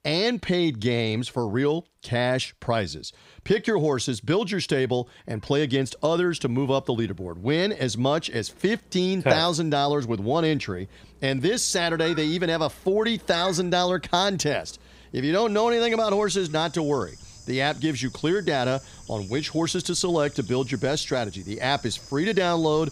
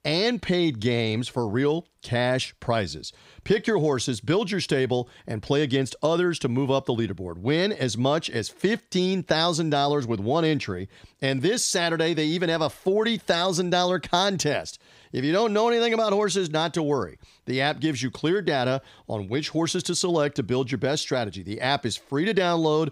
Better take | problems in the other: second | animal sounds; noticeable; from 5.5 s on; 15 dB below the speech

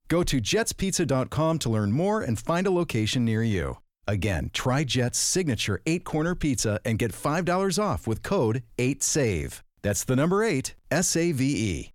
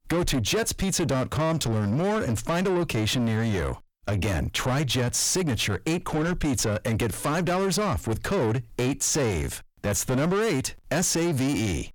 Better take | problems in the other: first | distortion; slight; 10 dB below the speech

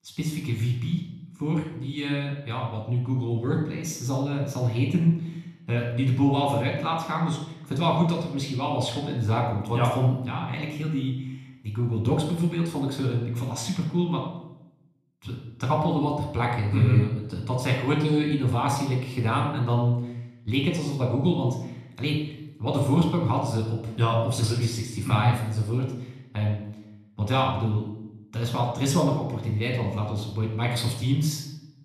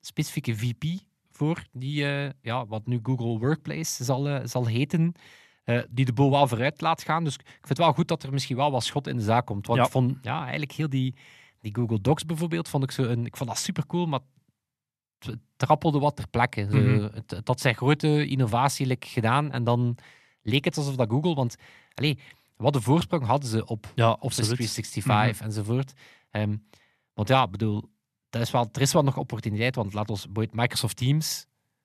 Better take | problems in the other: second | off-mic speech; somewhat distant // room echo; noticeable; dies away in 0.7 s

